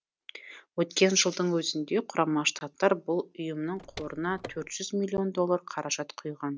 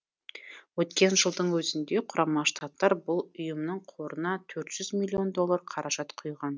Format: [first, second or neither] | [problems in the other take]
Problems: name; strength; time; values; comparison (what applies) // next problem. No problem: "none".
second | background sound (Car); 16 dB below the speech